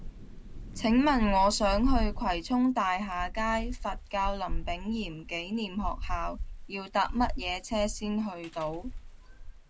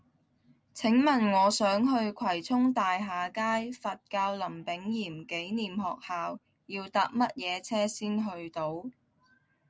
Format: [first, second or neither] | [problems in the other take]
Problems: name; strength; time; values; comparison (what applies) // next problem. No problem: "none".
second | background sound (Thunder / Rain); 5 dB below the speech